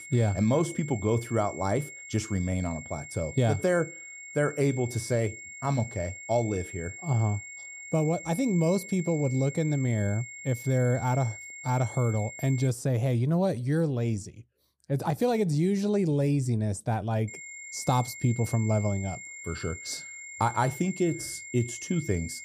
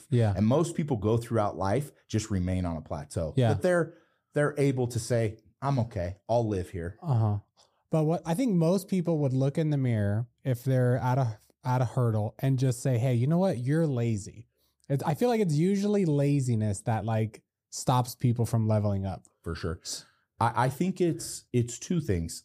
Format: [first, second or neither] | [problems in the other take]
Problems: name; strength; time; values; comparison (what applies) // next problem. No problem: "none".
second | high-pitched whine; noticeable; until 13 s and from 17 s on; 2 kHz, 10 dB below the speech